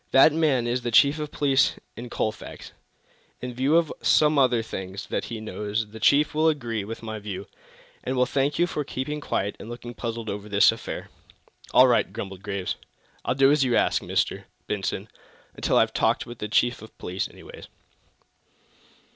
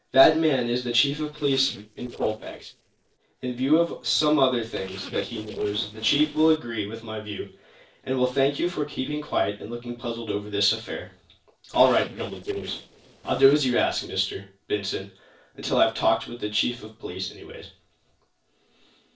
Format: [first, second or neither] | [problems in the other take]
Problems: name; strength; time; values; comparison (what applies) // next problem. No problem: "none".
first | noise reduction (neural separator model SepFormer DNS4)